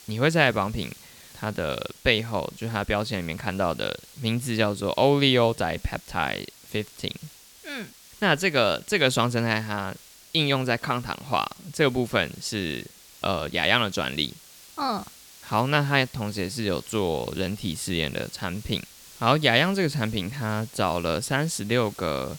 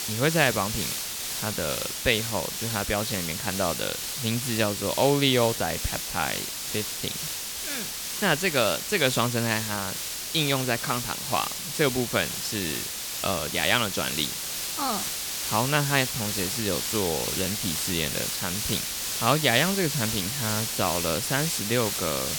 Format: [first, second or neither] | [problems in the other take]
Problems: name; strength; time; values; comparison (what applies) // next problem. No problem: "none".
first | hiss; loud; throughout; 2 dB below the speech; faint in the first